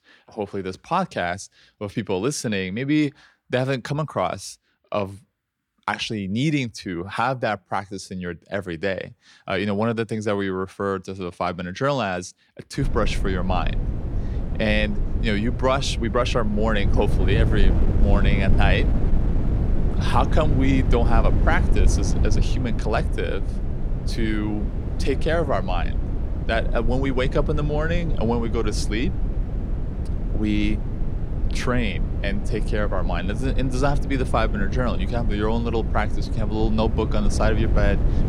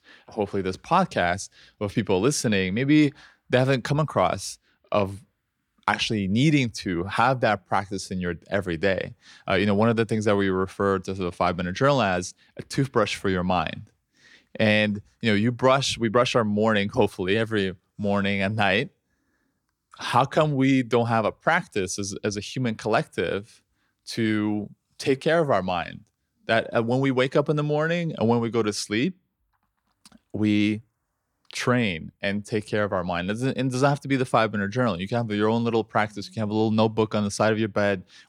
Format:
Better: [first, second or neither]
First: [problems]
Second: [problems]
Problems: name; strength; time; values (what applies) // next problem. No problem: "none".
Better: second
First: wind noise on the microphone; occasional gusts; from 13 s on; 10 dB below the speech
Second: none